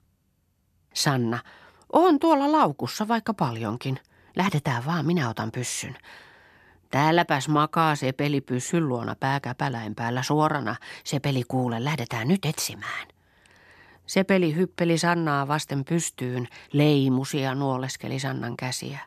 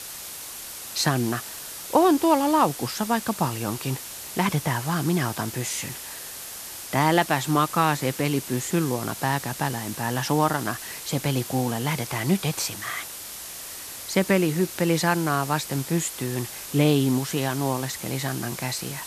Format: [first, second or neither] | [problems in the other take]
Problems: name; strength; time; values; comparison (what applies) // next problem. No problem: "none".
first | hiss; loud; throughout; 9 dB below the speech